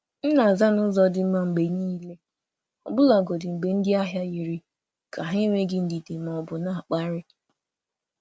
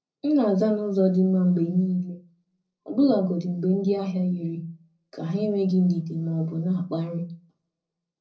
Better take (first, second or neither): first